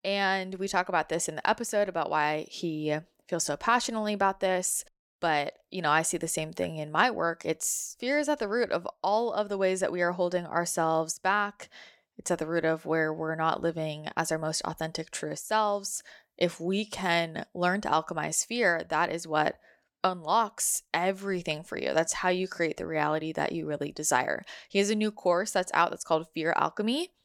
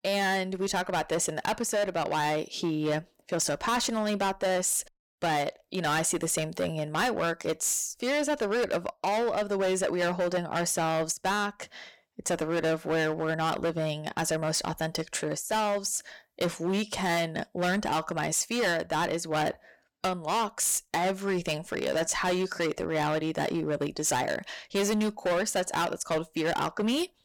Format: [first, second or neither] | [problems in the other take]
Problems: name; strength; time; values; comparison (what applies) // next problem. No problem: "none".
first | distortion; heavy; 16% of the sound clipped